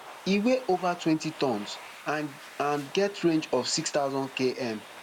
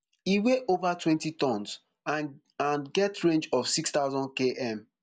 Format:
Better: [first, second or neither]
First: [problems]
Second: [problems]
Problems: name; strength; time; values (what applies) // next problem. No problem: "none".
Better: second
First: background sound (Domestic sounds, home sounds); 17 dB below the speech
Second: none